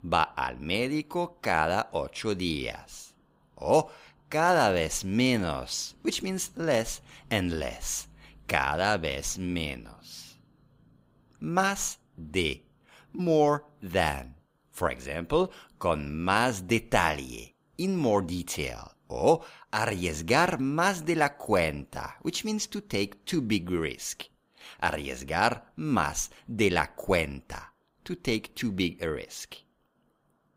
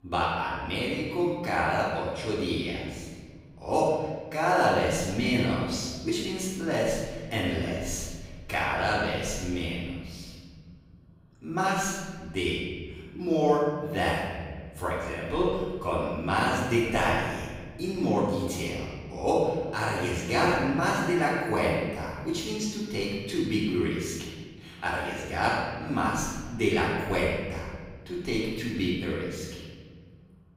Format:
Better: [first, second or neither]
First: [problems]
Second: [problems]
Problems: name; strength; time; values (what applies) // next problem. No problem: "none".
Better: first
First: none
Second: off-mic speech; far // room echo; strong; dies away in 1.8 s